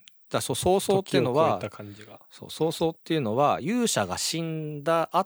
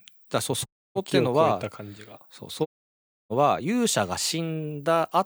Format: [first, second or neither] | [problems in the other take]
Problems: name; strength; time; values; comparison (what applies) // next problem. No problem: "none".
first | audio cutting out; at 0.5 s and at 2.5 s for 0.5 s